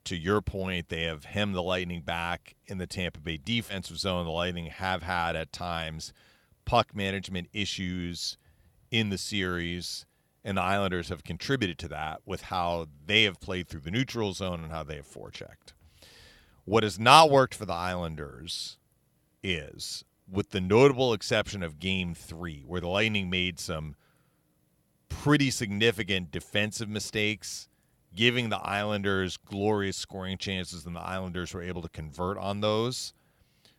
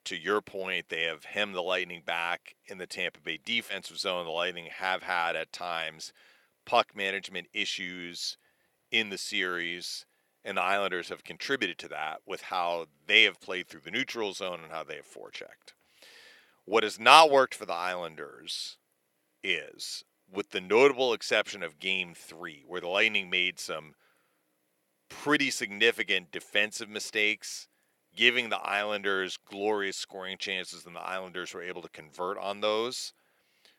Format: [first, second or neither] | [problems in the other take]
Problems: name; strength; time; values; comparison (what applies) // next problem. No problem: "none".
first | thin; somewhat; fading below 400 Hz